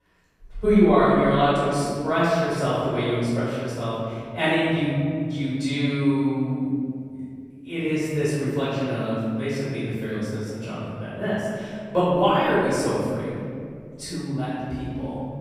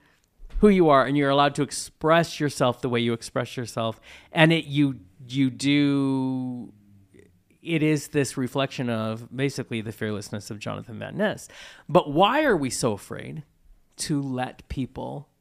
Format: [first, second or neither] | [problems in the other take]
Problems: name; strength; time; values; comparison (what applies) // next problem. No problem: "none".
second | off-mic speech; far // room echo; strong; dies away in 2.3 s